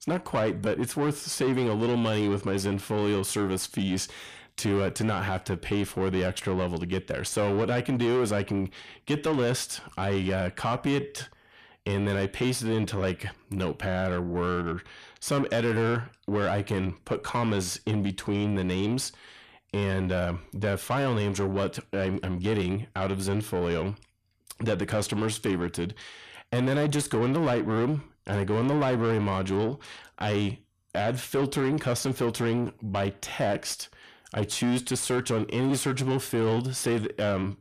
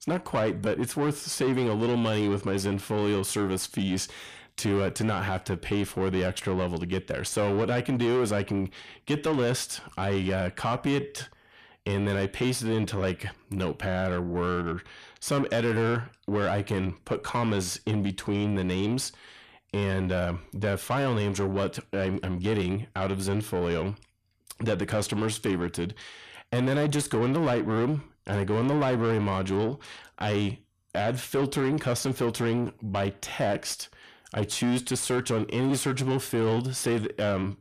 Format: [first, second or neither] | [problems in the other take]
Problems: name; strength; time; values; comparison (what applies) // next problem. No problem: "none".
neither | distortion; slight; 10 dB below the speech; the same in both